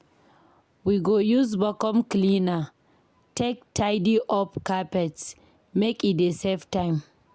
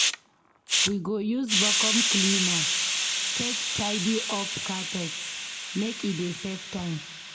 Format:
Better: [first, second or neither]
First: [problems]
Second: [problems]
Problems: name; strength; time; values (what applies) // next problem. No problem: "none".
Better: first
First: none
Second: background sound (Hiss); 3 dB above the speech // room echo; dies away in 1.2 s